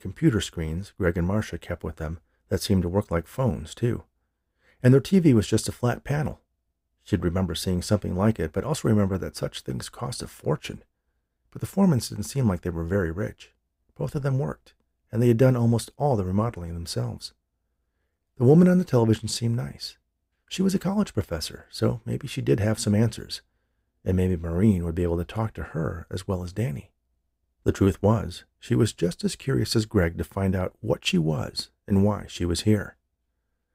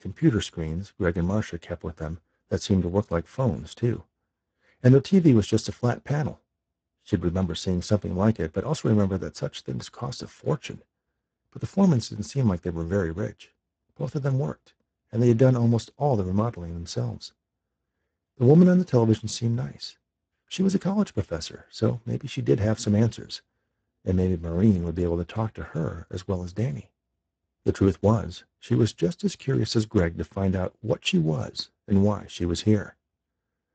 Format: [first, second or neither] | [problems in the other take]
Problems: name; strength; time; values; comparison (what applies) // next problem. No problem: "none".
first | garbled, watery; badly; nothing above 8 kHz